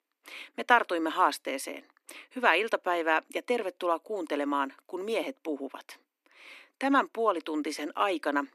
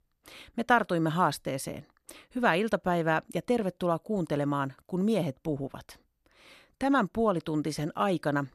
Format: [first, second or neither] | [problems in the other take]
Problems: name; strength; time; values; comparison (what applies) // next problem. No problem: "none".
second | thin; very slightly; fading below 250 Hz